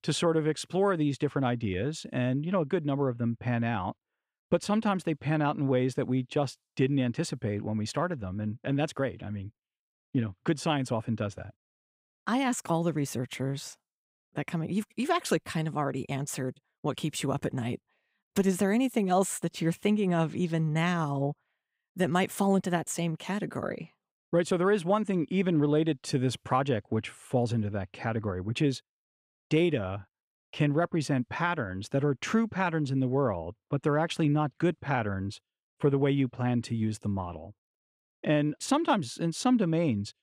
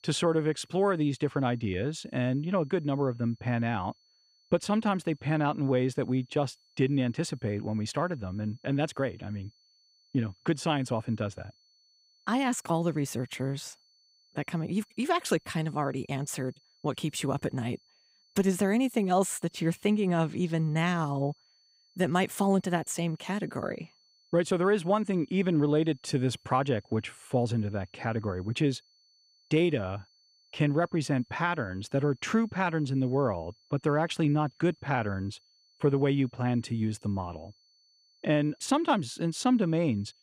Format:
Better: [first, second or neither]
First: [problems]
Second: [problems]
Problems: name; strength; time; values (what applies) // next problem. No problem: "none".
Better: first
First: none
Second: high-pitched whine; faint; throughout; 4.5 kHz, 35 dB below the speech